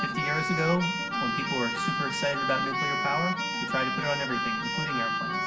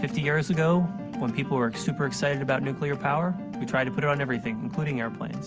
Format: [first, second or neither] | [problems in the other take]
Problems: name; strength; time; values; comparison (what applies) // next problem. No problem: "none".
second | background sound (Keyboard (musical)); 1 dB above the speech // room echo; dies away in 1.1 s